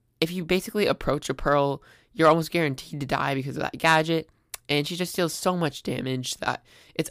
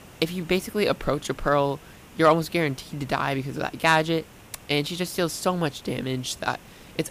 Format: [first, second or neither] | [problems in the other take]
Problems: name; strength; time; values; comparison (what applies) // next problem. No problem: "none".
first | hiss; faint; throughout; 20 dB below the speech